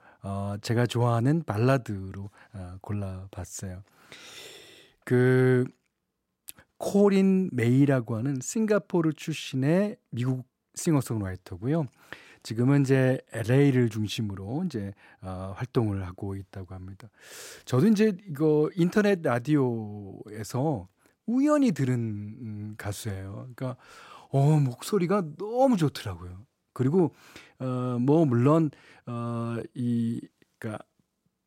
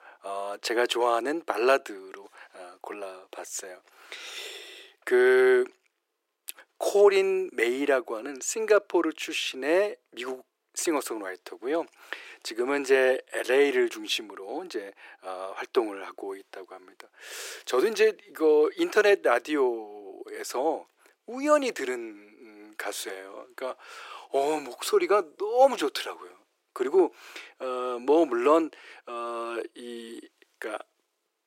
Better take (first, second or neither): first